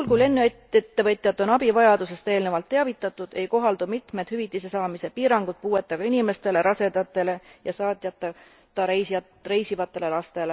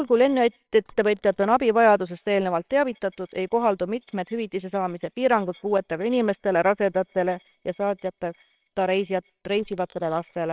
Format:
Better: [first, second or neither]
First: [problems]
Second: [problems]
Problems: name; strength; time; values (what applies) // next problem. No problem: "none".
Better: first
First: none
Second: noise reduction (neural separator model SepFormer WHAMR!)